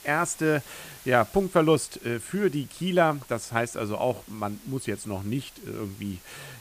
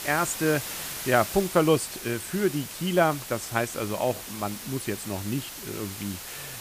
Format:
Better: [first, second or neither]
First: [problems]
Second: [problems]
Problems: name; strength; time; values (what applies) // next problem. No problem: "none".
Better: first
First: hiss; faint; throughout; 20 dB below the speech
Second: hiss; loud; throughout; 8 dB below the speech